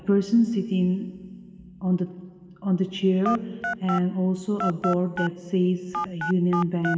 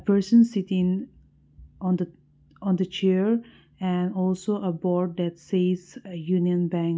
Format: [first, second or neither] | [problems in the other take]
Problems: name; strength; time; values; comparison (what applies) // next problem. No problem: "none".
second | background sound (Telephone); 7 dB below the speech // room echo; dies away in 2.8 s